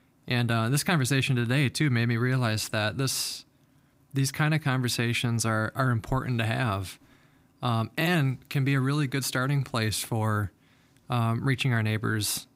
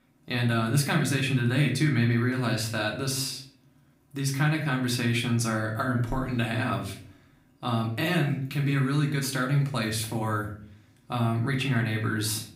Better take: first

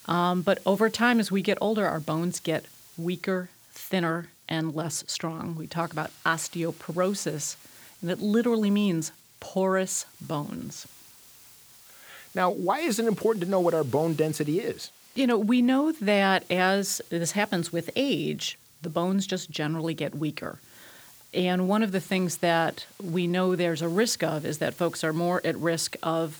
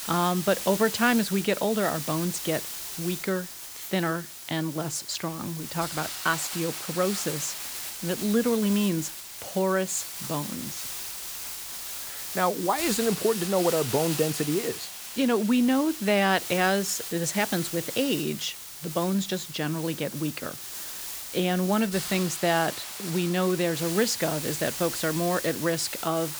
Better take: first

